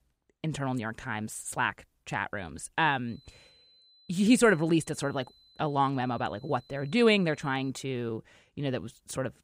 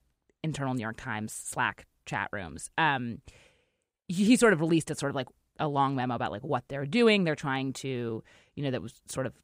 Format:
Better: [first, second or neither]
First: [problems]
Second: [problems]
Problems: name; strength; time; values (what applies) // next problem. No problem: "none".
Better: second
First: high-pitched whine; faint; from 3 to 7.5 s; 4 kHz, 30 dB below the speech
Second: none